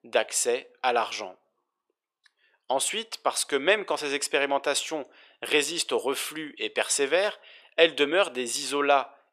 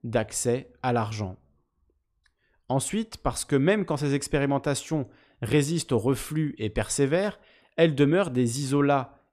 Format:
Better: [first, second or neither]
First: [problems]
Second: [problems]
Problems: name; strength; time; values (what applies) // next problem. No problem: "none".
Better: second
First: thin; very; fading below 450 Hz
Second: none